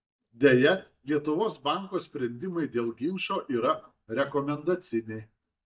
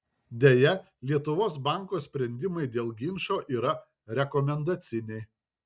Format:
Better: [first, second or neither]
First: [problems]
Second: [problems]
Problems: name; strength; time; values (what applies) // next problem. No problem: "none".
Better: second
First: noise reduction (neural mask model DeepFilterNet 3)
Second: none